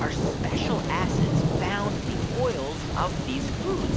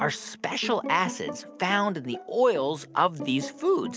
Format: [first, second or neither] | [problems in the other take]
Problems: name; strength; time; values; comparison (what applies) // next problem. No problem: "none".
second | background sound (Thunder); 5 dB above the speech